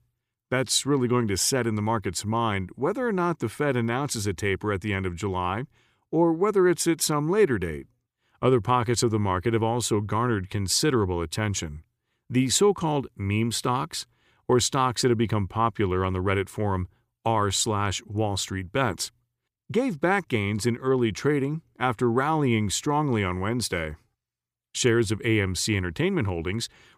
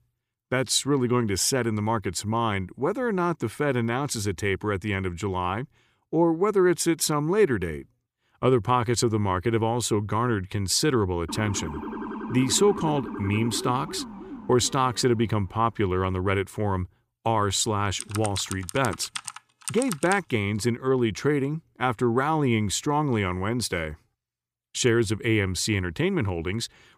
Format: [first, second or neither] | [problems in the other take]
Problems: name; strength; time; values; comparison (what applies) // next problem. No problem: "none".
first | siren; noticeable; from 11 to 15 s; peak 8 dB below the speech // keyboard typing; noticeable; from 18 to 20 s; peak 8 dB below the speech